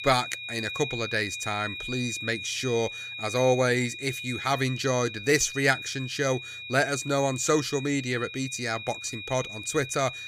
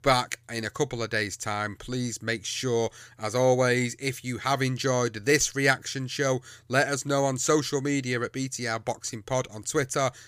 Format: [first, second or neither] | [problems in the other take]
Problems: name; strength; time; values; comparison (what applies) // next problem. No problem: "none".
second | high-pitched whine; loud; throughout; 2.5 kHz, 8 dB below the speech